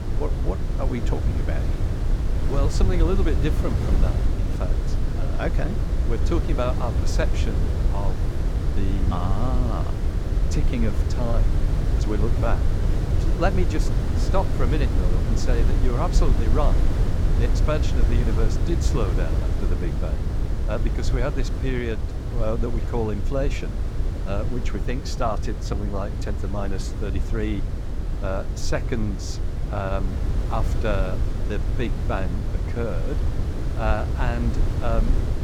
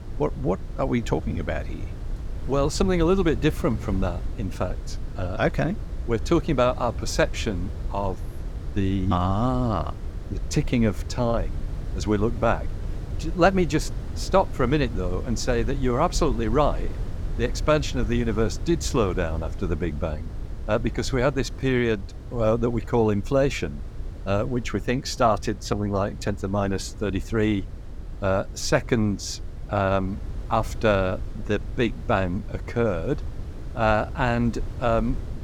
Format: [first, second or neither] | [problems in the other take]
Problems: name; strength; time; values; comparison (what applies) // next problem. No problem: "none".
second | wind noise on the microphone; heavy; 5 dB below the speech; occasional gusts in the second